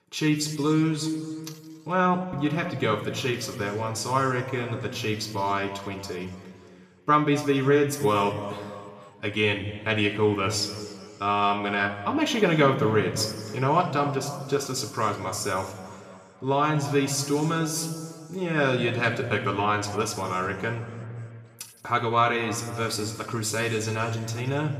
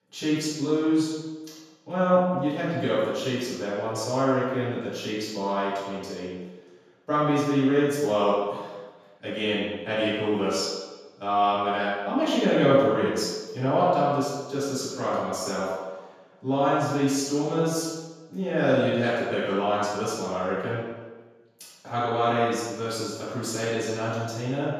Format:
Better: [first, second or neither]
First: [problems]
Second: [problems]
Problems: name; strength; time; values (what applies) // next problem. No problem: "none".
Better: first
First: room echo; slight; dies away in 1.8 s // off-mic speech; somewhat distant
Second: room echo; strong; dies away in 1.2 s // off-mic speech; far